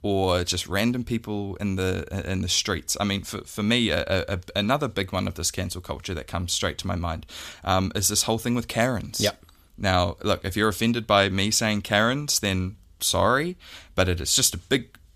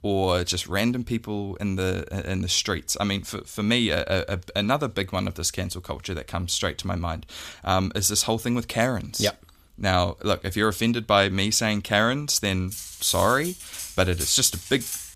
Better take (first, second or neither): first